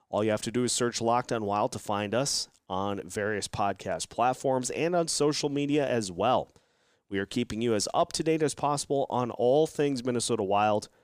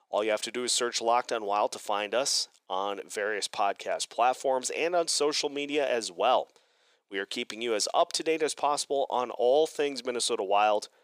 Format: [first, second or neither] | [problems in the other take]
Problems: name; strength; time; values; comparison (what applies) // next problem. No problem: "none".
first | thin; somewhat; fading below 500 Hz